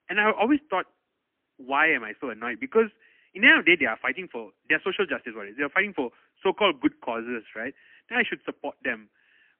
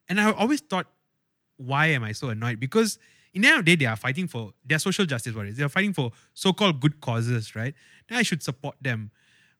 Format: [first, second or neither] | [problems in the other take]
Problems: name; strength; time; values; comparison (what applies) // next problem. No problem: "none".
second | phone-call audio; poor line; nothing above 3 kHz